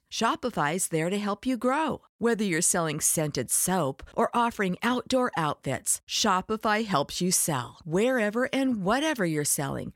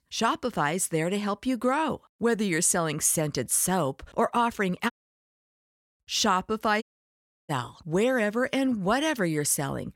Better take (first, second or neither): first